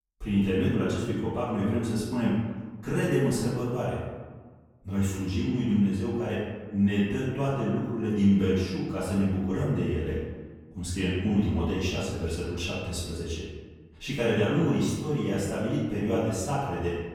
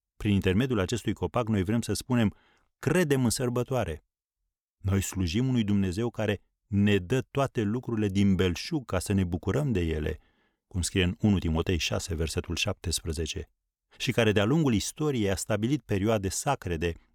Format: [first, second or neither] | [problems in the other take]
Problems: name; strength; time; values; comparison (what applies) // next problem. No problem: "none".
second | room echo; strong; dies away in 1.3 s // off-mic speech; far